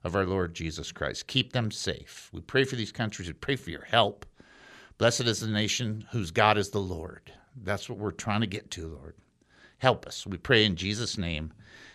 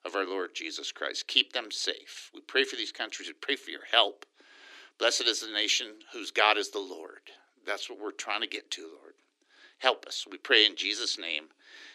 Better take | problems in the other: first | thin; somewhat; fading below 300 Hz

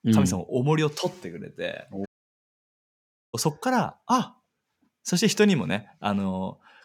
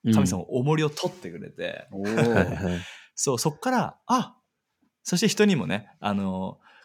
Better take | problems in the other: second | audio cutting out; at 2 s for 1.5 s

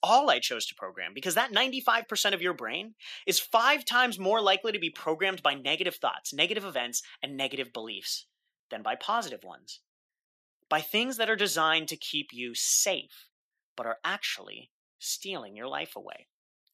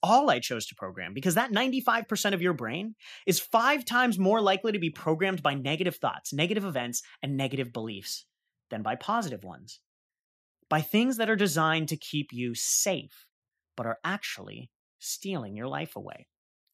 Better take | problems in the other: second | thin; somewhat; fading below 400 Hz

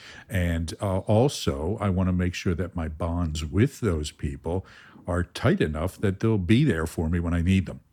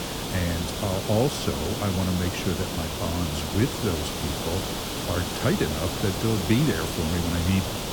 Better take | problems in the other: first | hiss; loud; throughout; 2 dB below the speech

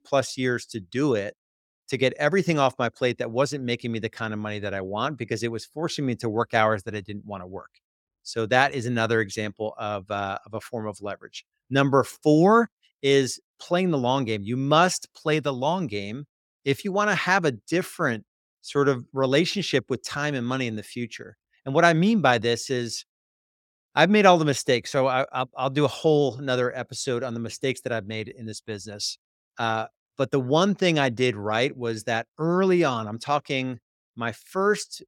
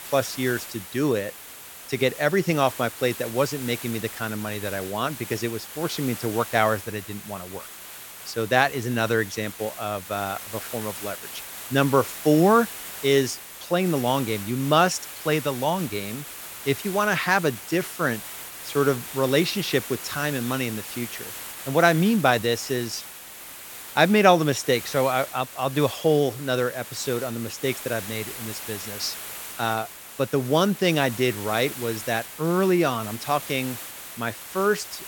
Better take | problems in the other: first | hiss; noticeable; throughout; 10 dB below the speech

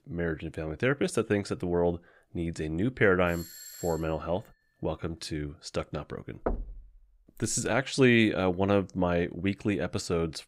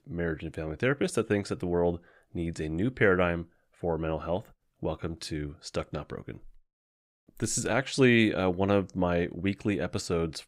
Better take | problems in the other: second | doorbell; faint; at 3.5 s; peak 15 dB below the speech // door banging; noticeable; at 6.5 s; peak 6 dB below the speech

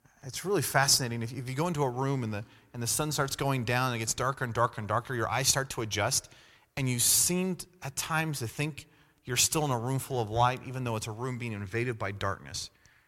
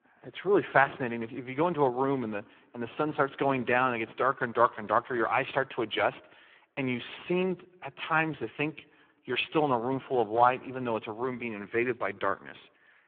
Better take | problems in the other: first | phone-call audio; poor line

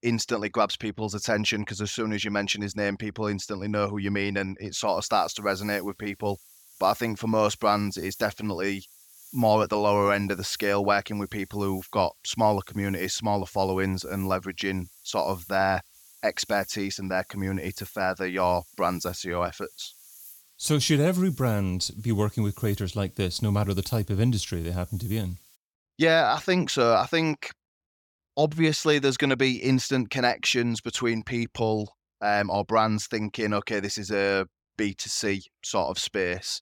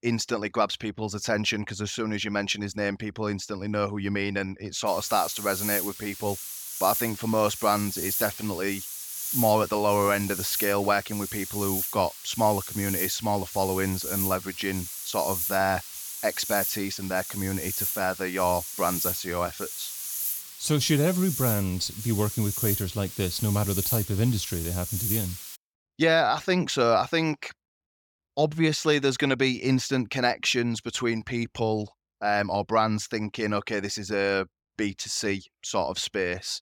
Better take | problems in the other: first | hiss; loud; from 5 to 26 s; 4 dB below the speech; faint in the first

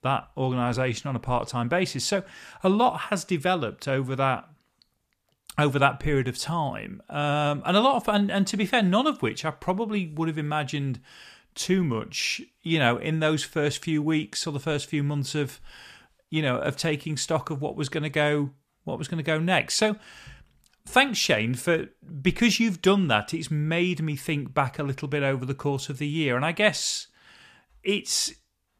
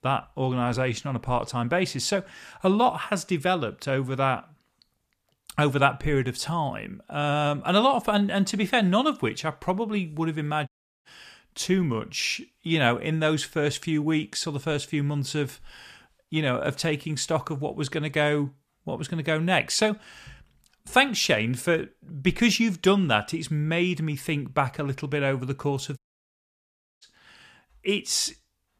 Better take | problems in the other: first | audio cutting out; at 11 s and at 26 s for 1 s

